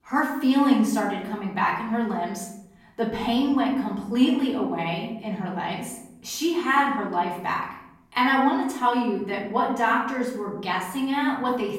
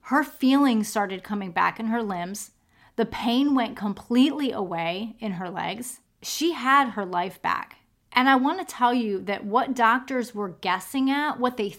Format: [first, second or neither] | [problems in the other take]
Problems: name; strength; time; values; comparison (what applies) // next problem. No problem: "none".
second | off-mic speech; far // room echo; noticeable; dies away in 0.7 s